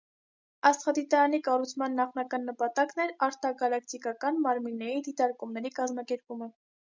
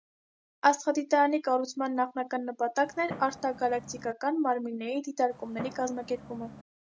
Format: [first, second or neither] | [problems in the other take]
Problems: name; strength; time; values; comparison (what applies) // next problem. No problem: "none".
first | background sound (Fireworks); 15 dB below the speech